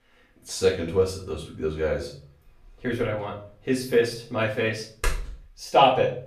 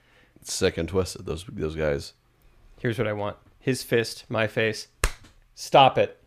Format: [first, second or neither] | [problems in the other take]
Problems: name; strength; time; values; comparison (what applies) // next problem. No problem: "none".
second | off-mic speech; far // room echo; slight; dies away in 0.4 s